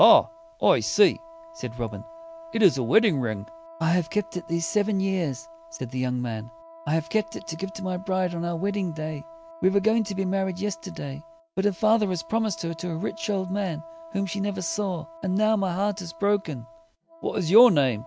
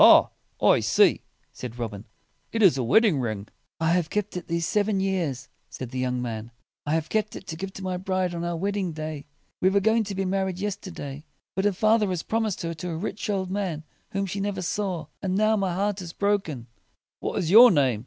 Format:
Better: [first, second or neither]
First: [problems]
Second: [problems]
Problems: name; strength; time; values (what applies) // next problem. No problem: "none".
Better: second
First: background sound (Wind instrument, woodwind instrument); 20 dB below the speech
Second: none